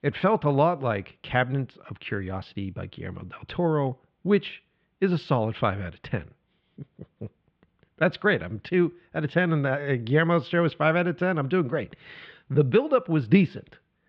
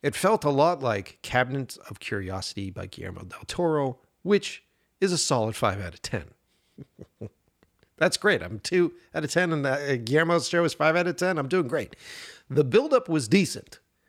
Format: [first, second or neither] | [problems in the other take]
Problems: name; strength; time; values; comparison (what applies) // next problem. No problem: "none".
second | muffled; very; fading above 3.5 kHz